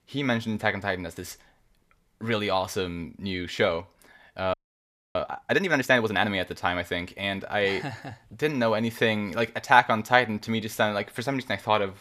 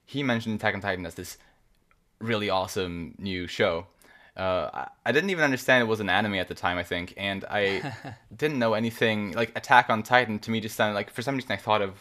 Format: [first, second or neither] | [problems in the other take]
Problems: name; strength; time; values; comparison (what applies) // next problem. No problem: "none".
second | audio freezing; at 4.5 s for 0.5 s